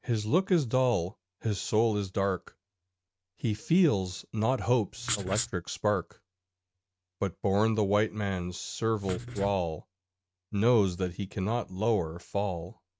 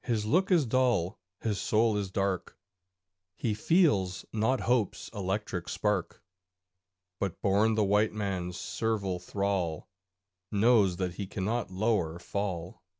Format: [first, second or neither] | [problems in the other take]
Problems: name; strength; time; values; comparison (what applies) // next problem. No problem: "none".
second | noise reduction (neural mask model RNNoise)